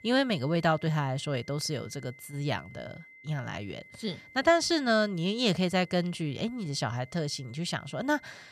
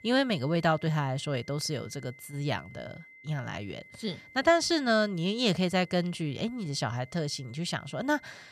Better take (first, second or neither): neither